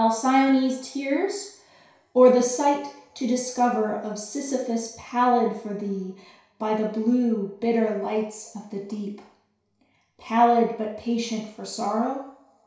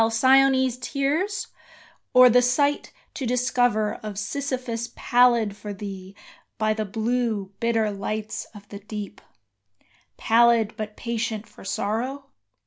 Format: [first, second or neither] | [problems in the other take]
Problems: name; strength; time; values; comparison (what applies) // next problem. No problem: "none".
second | room echo; dies away in 0.6 s